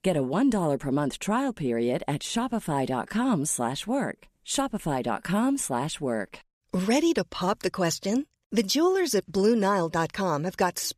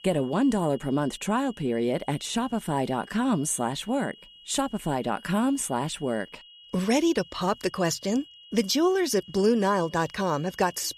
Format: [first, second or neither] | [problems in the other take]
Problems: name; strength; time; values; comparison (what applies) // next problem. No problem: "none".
first | high-pitched whine; faint; throughout; 3 kHz, 20 dB below the speech